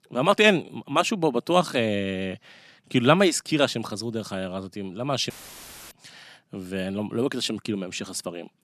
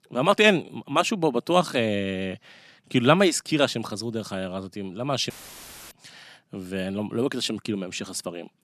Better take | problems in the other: neither | audio cutting out; filled with static; at 5.5 s for 0.5 s; the same in both

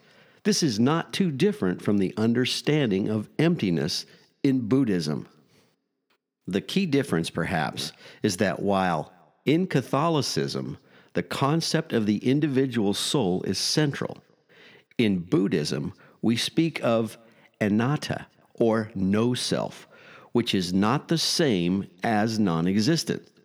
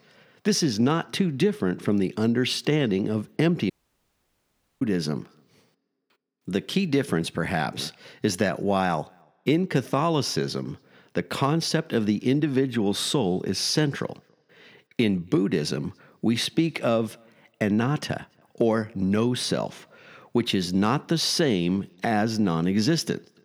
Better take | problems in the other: first | audio cutting out; at 3.5 s for 1 s

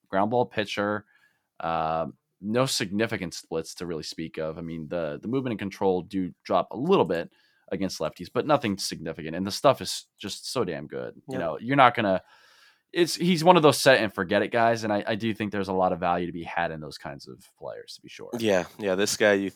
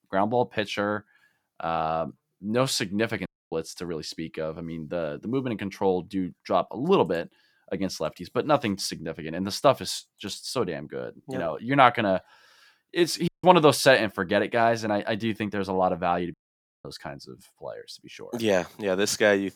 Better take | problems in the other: first | audio cutting out; at 3.5 s, at 13 s and at 16 s for 0.5 s

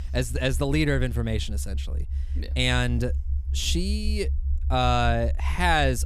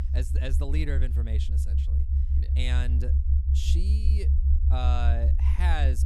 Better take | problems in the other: first | low rumble; loud; throughout; 6 dB below the speech; faint in the first

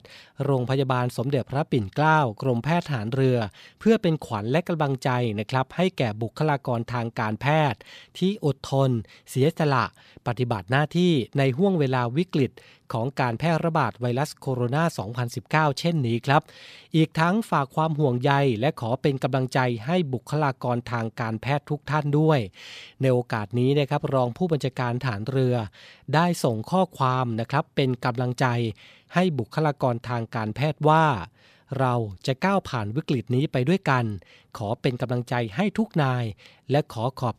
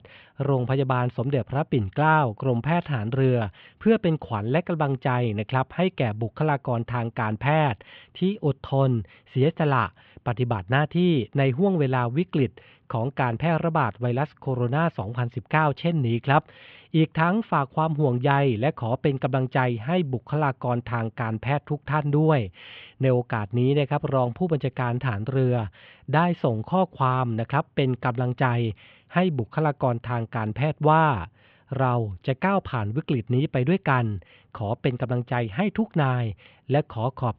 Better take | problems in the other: first | muffled; very; fading above 3 kHz

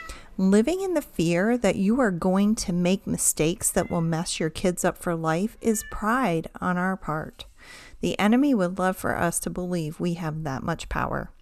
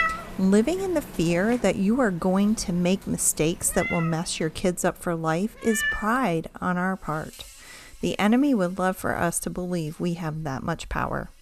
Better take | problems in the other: first | animal sounds; loud; throughout; 10 dB below the speech; faint in the first

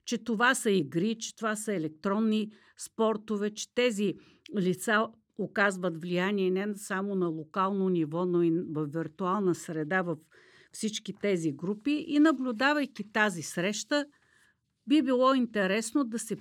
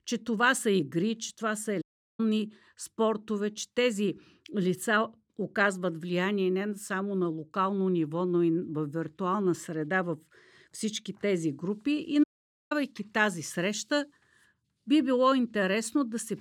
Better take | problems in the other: first | audio cutting out; at 2 s and at 12 s

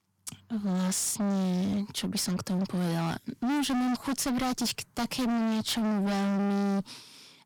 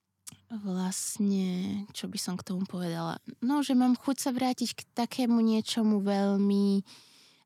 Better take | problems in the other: second | distortion; heavy; 36% of the sound clipped

